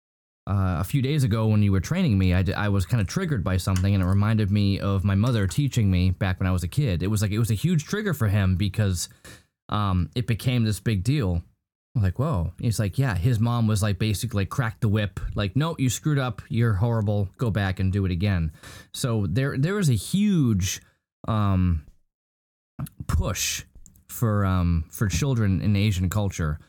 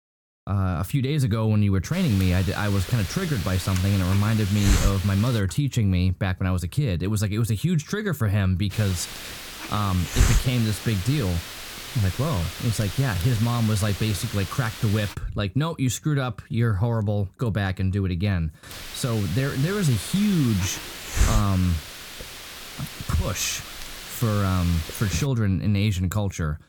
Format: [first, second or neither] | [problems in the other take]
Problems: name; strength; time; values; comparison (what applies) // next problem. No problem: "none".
first | hiss; loud; from 2 to 5.5 s, from 8.5 to 15 s and from 19 to 25 s; 8 dB below the speech